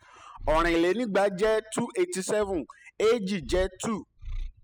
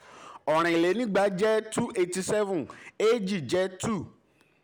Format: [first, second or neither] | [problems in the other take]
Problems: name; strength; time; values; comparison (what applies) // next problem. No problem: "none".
second | noise reduction (classical method spectral subtraction)